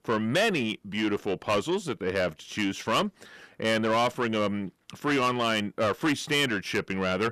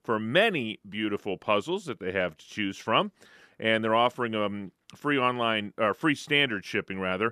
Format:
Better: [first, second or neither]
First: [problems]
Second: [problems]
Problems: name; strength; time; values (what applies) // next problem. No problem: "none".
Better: second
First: distortion; heavy; 8 dB below the speech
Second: none